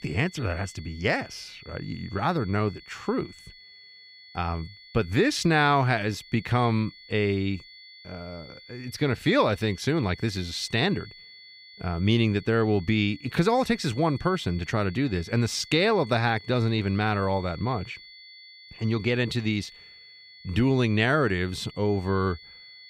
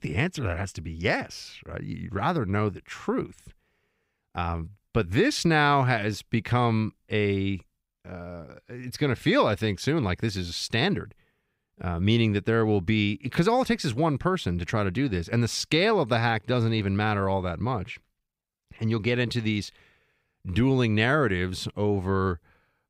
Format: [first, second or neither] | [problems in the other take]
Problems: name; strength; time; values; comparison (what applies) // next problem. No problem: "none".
second | high-pitched whine; faint; throughout; 4.5 kHz, 20 dB below the speech